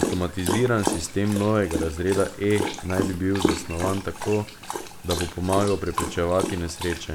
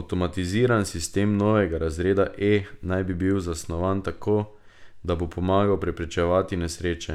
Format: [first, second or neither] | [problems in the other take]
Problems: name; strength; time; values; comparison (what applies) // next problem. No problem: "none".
second | background sound (Dog); 5 dB below the speech